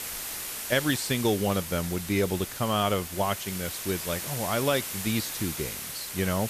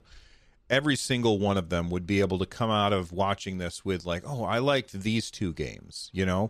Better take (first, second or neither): second